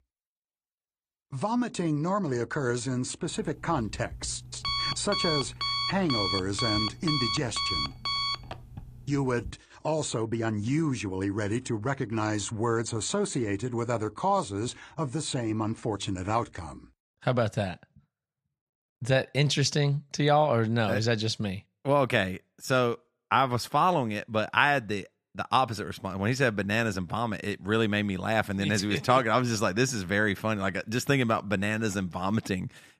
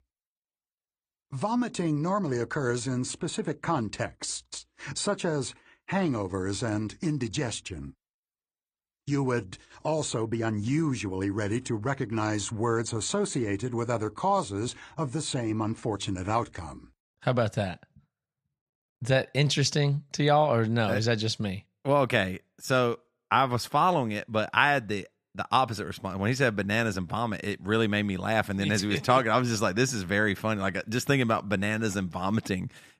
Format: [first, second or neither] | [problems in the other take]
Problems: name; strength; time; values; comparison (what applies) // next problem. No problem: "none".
second | alarm; loud; from 3.5 to 9.5 s; peak level with the speech